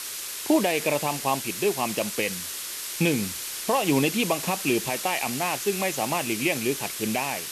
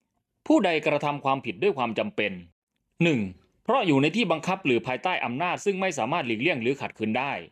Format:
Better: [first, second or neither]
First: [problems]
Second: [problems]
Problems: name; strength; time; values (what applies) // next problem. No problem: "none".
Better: second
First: hiss; loud; throughout; 5 dB below the speech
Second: none